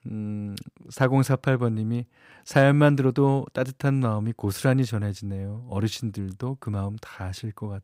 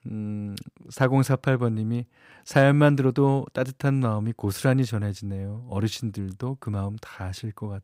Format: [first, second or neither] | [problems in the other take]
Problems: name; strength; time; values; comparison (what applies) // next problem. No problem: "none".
neither | none